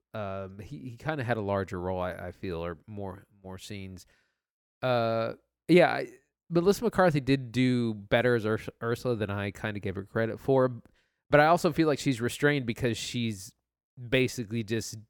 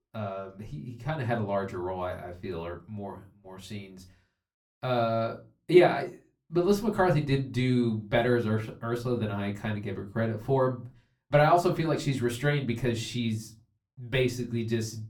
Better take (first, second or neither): first